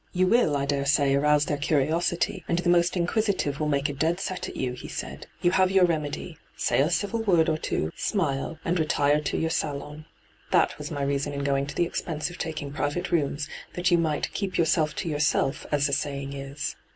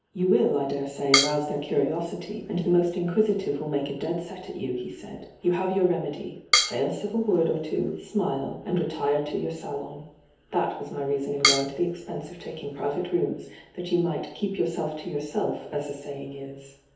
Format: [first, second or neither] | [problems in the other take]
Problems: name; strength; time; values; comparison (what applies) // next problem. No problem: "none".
first | background sound (Drum kit); 2 dB below the speech // room echo; dies away in 2.2 s